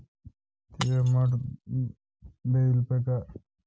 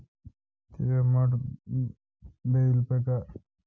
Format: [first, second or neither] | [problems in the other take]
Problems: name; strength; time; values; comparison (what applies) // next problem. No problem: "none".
second | background sound (Shatter); 19 dB below the speech